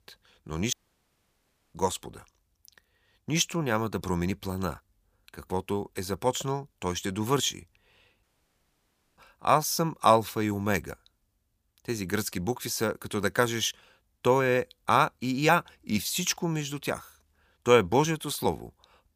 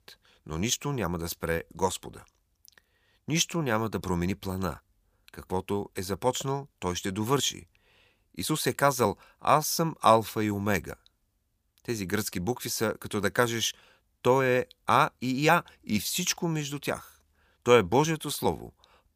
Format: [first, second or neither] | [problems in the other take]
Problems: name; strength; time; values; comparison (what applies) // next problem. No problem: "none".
second | audio cutting out; at 0.5 s for 1 s and at 8 s for 1 s